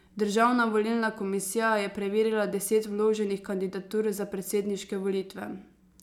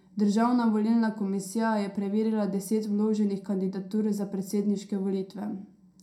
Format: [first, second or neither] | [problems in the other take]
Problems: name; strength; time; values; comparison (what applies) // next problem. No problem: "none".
first | room echo; dies away in 0.2 s